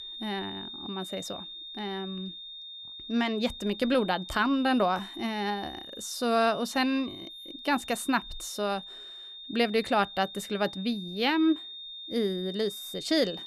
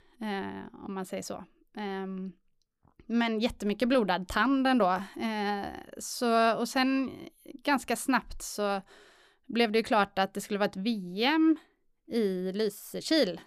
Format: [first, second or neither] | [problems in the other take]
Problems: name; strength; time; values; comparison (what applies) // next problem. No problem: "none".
second | high-pitched whine; noticeable; throughout; 3.5 kHz, 10 dB below the speech